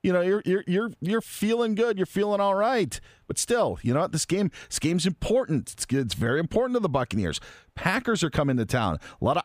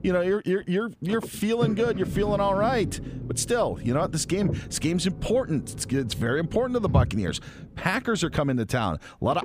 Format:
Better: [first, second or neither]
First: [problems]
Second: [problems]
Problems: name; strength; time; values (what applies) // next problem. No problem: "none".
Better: first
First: none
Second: low rumble; noticeable; throughout; 15 dB below the speech